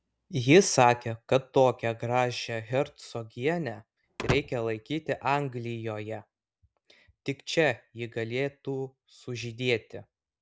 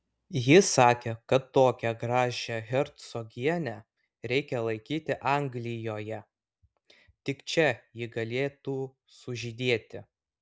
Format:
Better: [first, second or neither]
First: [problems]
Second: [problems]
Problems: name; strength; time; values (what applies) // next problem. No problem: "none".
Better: second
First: background sound (Slam / Wood); 9 dB below the speech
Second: none